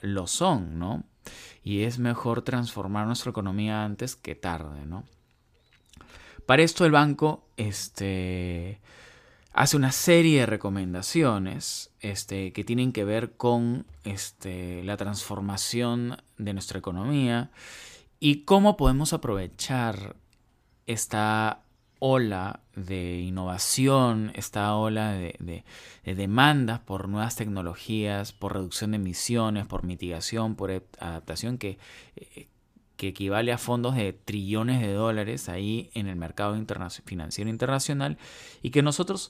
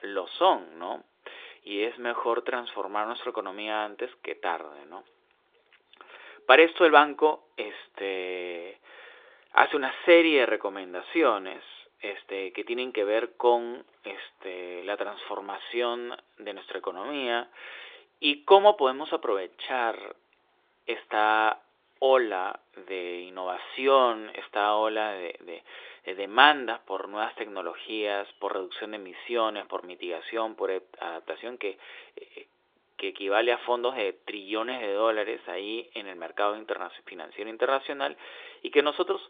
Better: first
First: none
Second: phone-call audio; nothing above 3.5 kHz

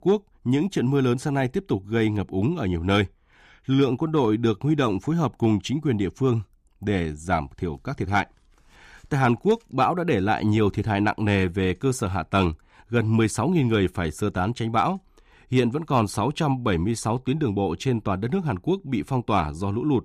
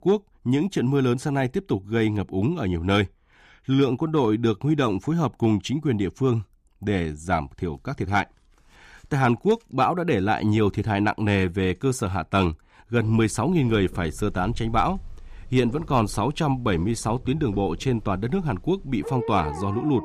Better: first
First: none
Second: animal sounds; noticeable; from 13 s on; 15 dB below the speech

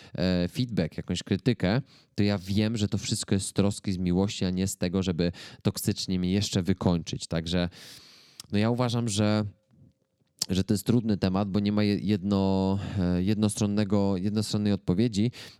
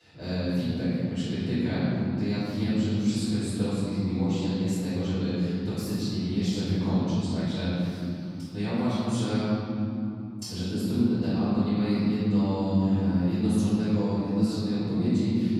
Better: first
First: none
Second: room echo; strong; dies away in 3 s // off-mic speech; far

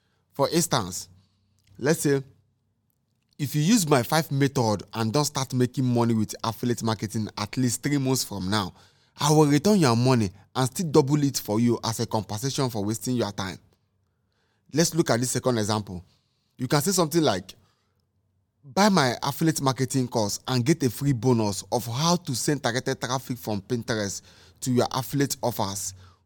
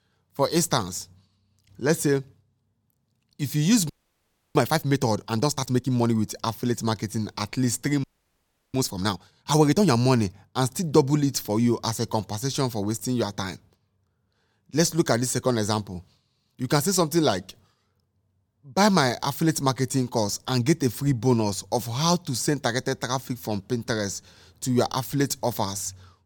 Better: first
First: none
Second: audio freezing; at 4 s for 0.5 s and at 8 s for 0.5 s

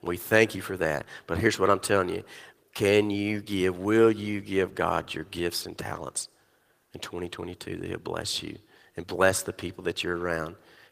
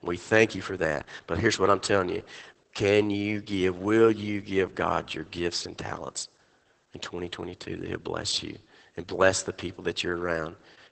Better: first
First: garbled, watery; slightly; nothing above 15 kHz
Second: garbled, watery; badly; nothing above 8 kHz

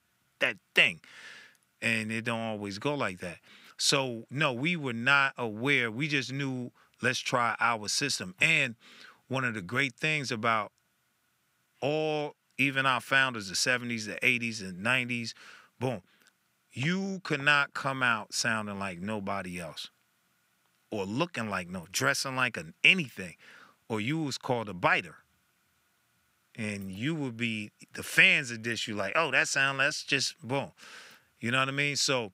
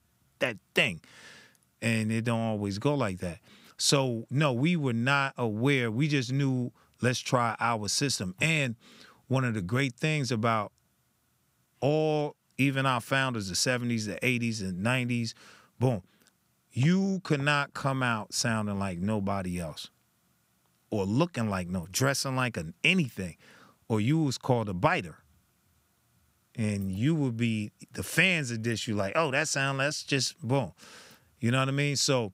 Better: second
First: thin; very slightly; fading below 400 Hz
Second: none

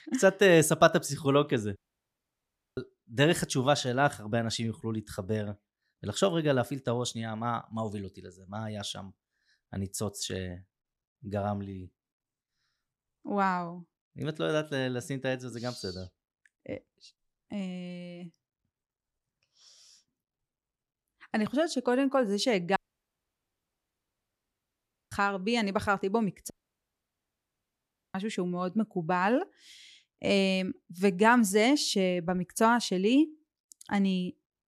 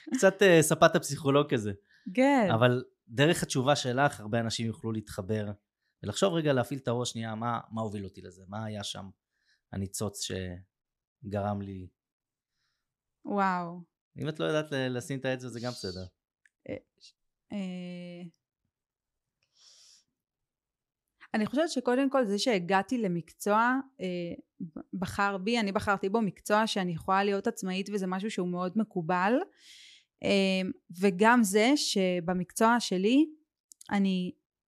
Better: second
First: audio cutting out; at 2 s for 1 s, at 23 s for 2.5 s and at 27 s for 1.5 s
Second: none

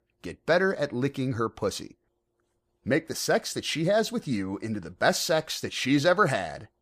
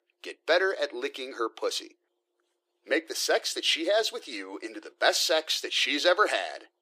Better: first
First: none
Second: thin; very; fading below 350 Hz

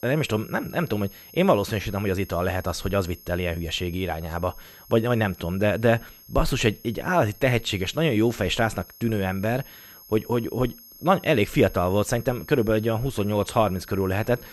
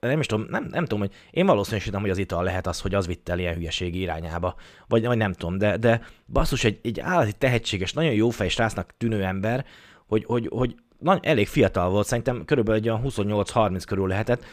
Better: second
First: high-pitched whine; faint; throughout; 11.5 kHz, 20 dB below the speech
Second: none

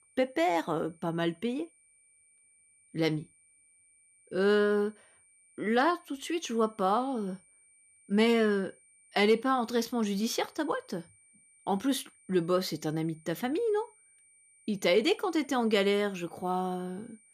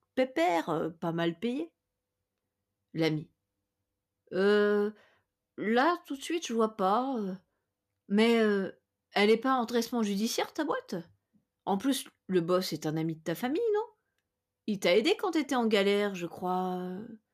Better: second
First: high-pitched whine; faint; throughout; 9 kHz, 30 dB below the speech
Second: none

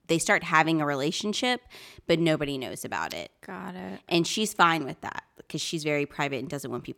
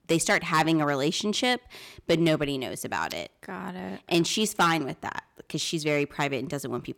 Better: first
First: none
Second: distortion; slight; 2% of the sound clipped

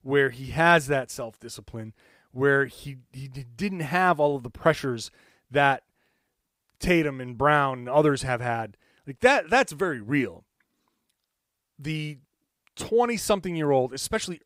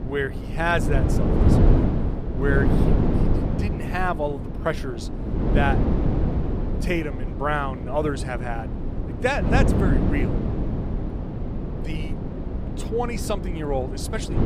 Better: first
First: none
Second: wind noise on the microphone; heavy; 5 dB below the speech

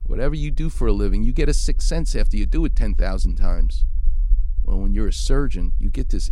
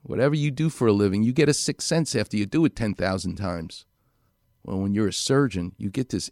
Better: second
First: low rumble; faint; throughout; 20 dB below the speech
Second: none

